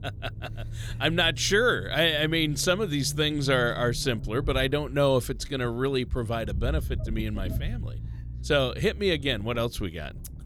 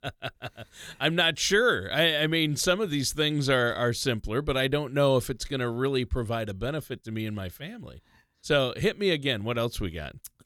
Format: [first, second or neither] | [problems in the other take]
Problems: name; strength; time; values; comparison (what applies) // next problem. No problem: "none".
second | low rumble; faint; throughout; 25 dB below the speech